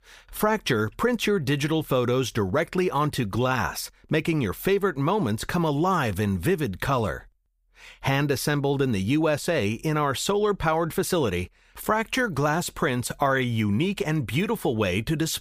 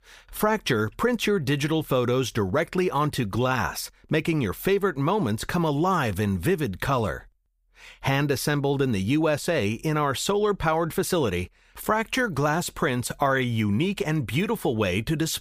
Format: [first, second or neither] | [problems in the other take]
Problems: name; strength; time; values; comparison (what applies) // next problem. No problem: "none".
neither | none